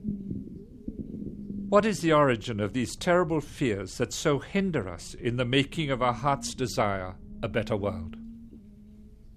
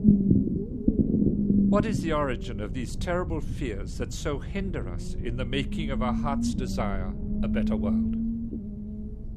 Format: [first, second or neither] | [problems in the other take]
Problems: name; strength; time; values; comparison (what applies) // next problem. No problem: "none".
first | low rumble; loud; throughout; 1 dB below the speech; faint in the first